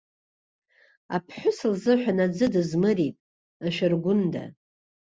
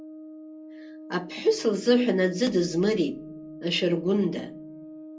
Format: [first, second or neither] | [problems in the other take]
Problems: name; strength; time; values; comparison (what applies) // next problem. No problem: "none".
first | background sound (Brass instrument); 16 dB below the speech // room echo; dies away in 0.2 s